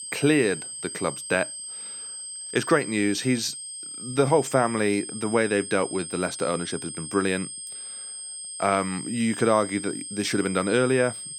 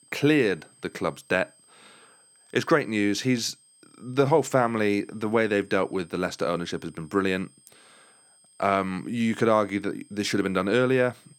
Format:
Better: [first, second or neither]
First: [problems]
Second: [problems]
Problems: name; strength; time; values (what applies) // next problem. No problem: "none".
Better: second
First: high-pitched whine; loud; throughout; 8.5 kHz, 9 dB below the speech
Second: high-pitched whine; faint; throughout; 8.5 kHz, 30 dB below the speech